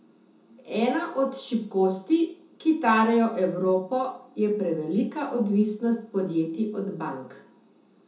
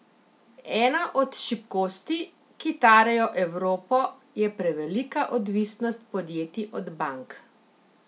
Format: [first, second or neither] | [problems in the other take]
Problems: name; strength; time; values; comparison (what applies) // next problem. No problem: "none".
second | room echo; dies away in 0.5 s